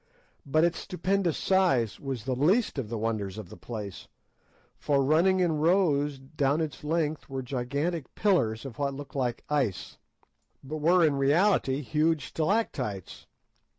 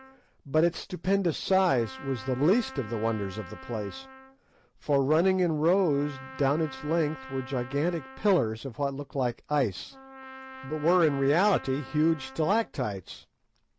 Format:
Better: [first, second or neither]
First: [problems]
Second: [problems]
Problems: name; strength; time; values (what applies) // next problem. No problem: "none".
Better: first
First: none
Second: background sound (Trumpet); 18 dB below the speech